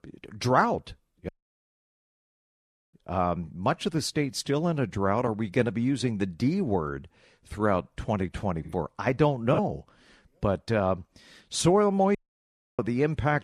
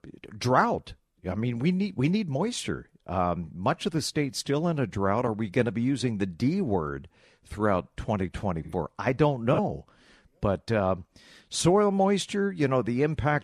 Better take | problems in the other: second | audio cutting out; at 1.5 s for 1.5 s and at 12 s for 0.5 s

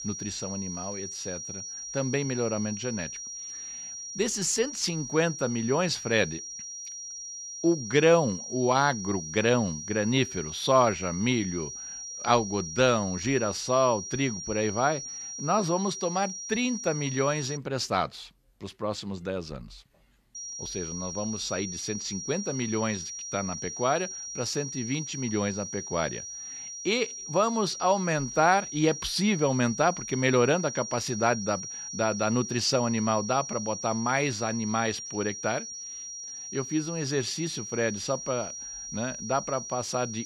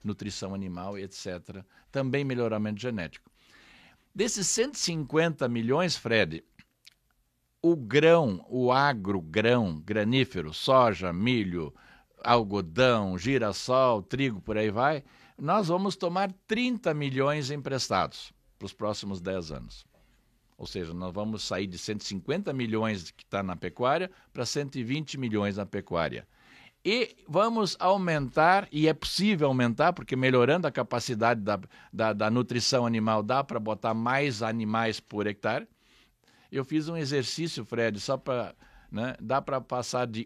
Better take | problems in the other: second | high-pitched whine; loud; until 18 s and from 20 s on; 5.5 kHz, 8 dB below the speech

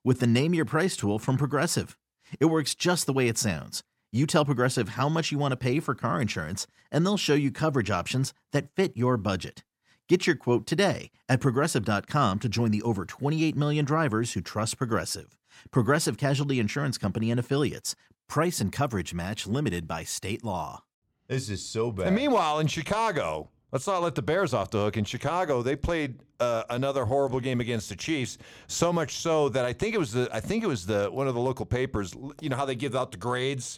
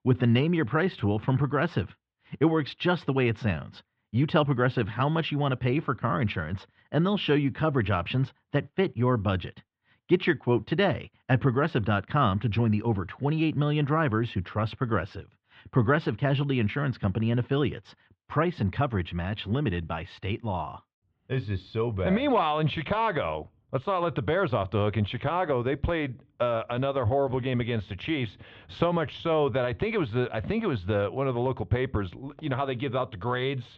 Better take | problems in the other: first | muffled; very; fading above 3.5 kHz

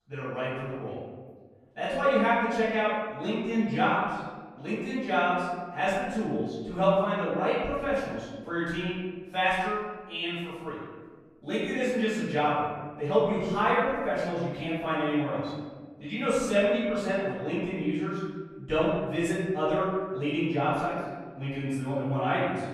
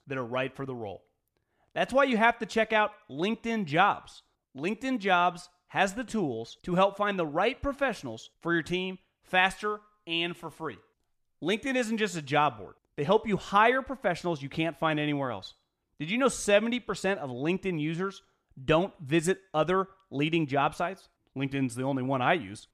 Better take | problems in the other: second | off-mic speech; far // room echo; strong; dies away in 1.4 s

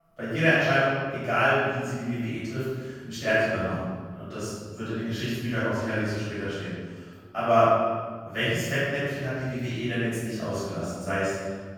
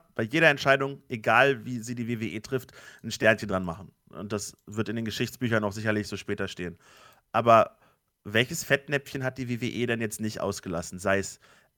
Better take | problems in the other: second | off-mic speech; far // room echo; strong; dies away in 1.4 s

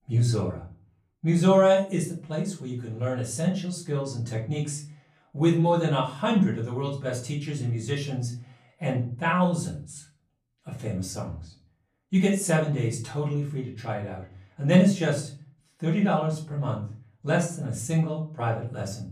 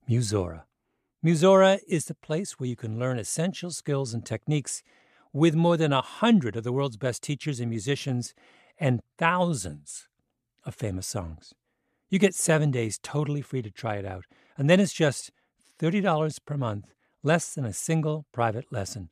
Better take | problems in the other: second | off-mic speech; far // room echo; slight; dies away in 0.4 s

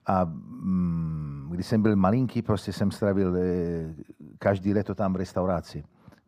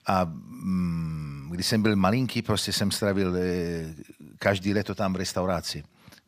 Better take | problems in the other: second | muffled; slightly; fading above 1.5 kHz

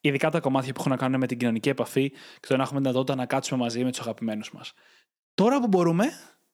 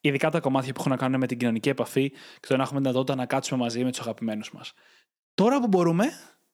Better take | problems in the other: neither | none

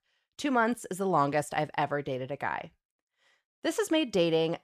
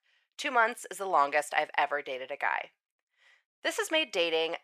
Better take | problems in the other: first | thin; very; fading below 650 Hz

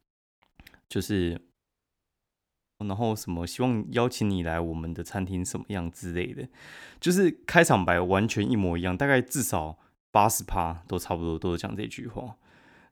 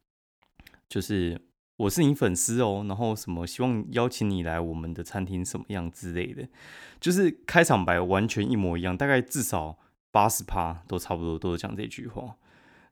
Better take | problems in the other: second | audio cutting out; at 1.5 s for 1.5 s

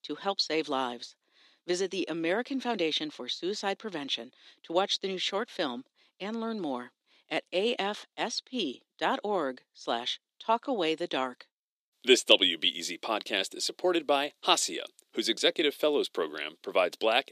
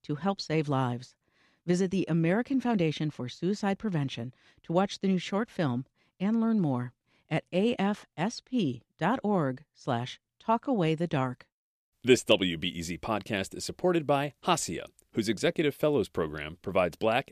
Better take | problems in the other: second | thin; somewhat; fading below 300 Hz

